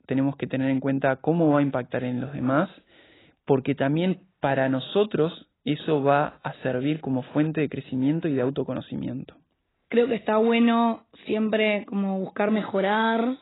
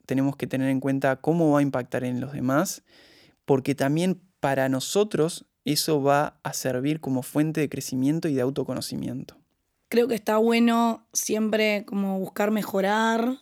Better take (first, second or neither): second